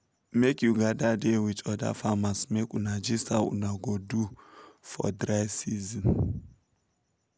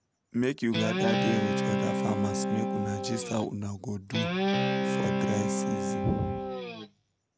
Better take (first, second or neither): first